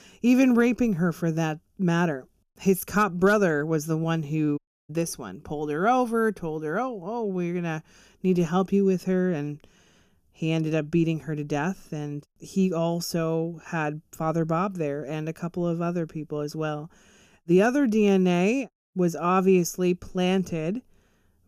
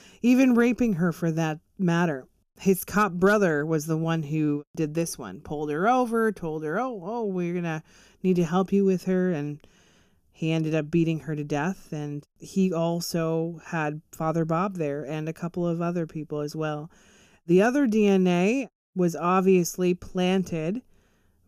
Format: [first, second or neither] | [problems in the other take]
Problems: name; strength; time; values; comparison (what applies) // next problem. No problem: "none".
second | audio cutting out; at 4.5 s